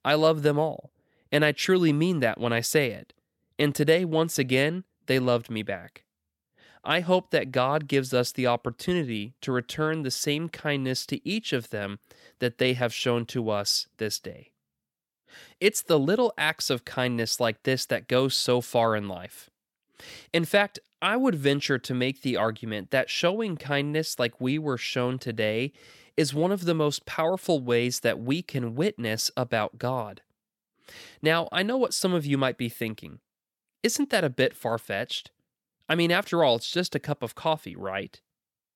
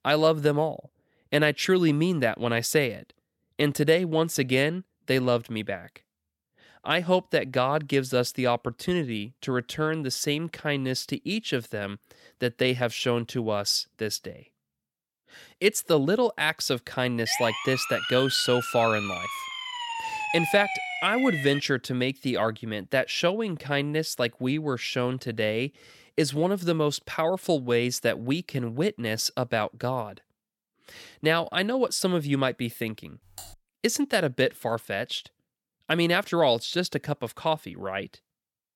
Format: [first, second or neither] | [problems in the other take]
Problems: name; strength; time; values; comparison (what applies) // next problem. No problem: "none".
first | siren; noticeable; from 17 to 22 s; peak 2 dB below the speech // keyboard typing; faint; at 33 s; peak 15 dB below the speech